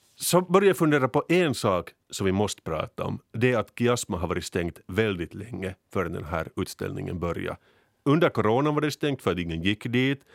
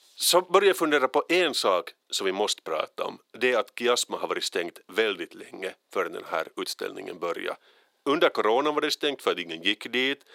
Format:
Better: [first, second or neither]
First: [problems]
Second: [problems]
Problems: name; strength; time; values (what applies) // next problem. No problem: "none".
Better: first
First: none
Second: thin; somewhat; fading below 350 Hz